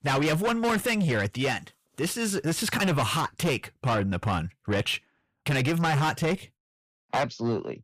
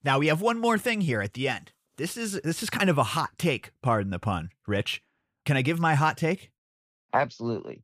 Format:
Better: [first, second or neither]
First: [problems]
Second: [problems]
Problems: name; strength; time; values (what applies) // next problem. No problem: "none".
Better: second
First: distortion; heavy; 7 dB below the speech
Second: none